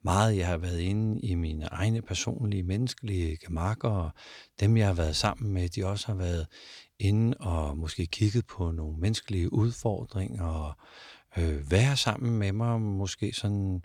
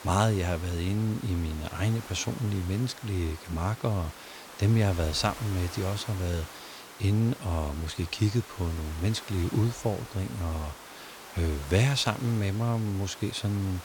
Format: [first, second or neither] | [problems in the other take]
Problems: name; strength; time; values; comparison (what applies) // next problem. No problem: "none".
first | hiss; noticeable; throughout; 15 dB below the speech